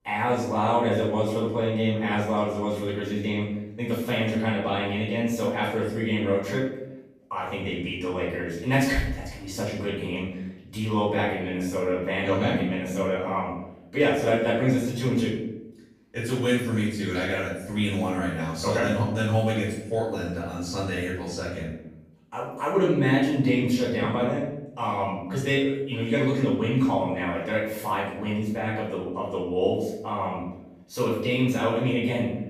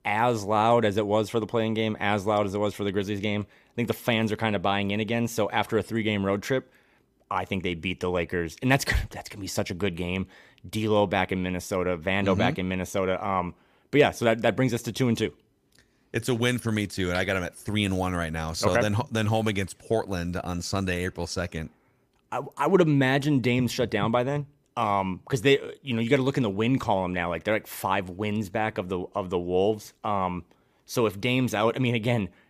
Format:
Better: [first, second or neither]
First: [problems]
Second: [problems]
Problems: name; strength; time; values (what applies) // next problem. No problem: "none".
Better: second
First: off-mic speech; far // room echo; noticeable; dies away in 0.8 s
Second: none